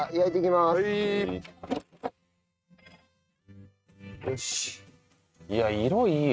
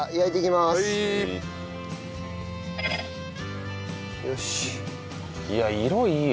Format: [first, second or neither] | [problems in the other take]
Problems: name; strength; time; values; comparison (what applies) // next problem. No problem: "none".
second | noise reduction (neural mask model RNNoise)